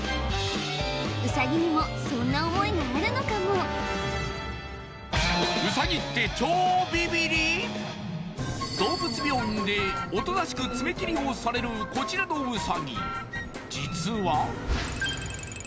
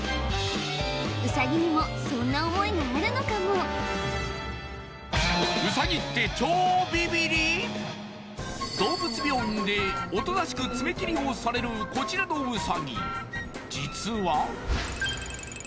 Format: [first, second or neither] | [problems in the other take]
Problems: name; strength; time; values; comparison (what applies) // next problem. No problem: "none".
second | background sound (Wild animals); 14 dB below the speech